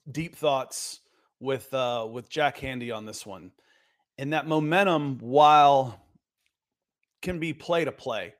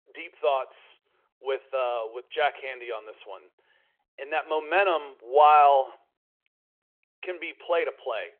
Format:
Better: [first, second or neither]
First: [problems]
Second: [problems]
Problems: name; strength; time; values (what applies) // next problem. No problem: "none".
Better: first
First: none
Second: phone-call audio